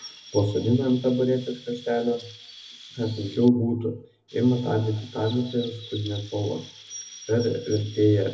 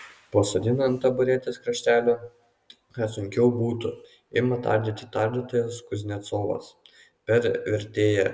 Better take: second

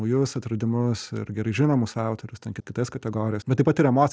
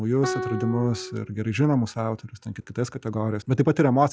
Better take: first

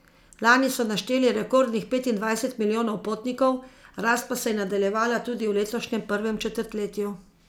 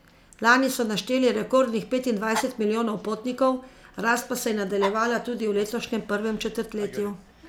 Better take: first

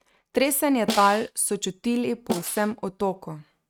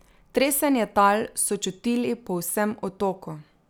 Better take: second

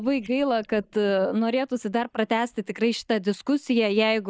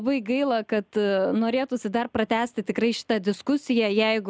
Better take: second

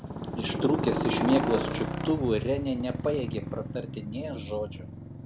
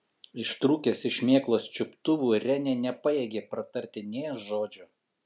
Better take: second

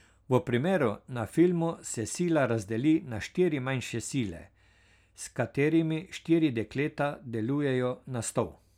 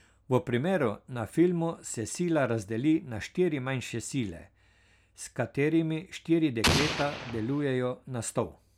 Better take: first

